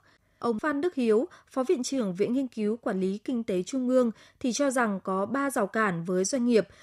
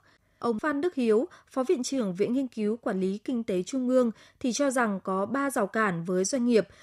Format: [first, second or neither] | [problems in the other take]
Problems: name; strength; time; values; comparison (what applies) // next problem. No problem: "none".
neither | none